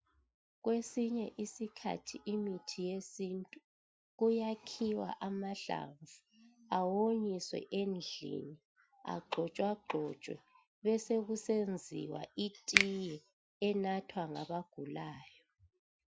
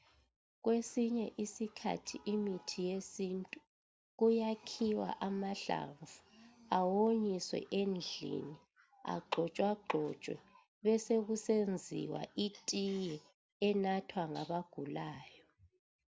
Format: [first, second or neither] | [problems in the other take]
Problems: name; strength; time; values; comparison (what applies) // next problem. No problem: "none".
second | noise reduction (classical method Wiener filter)